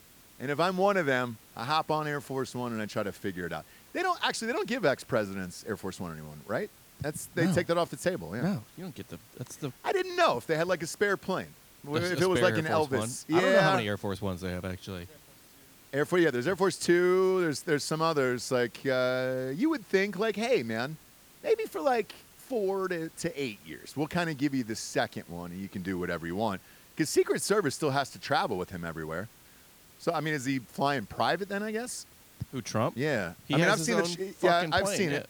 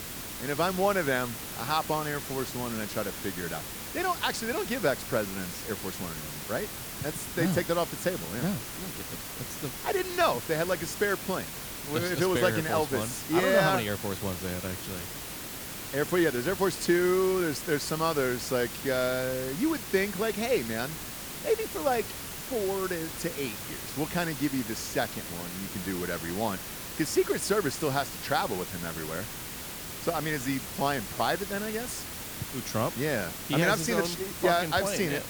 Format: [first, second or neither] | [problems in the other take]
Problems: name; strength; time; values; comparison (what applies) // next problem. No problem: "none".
first | hiss; loud; throughout; 7 dB below the speech; faint in the first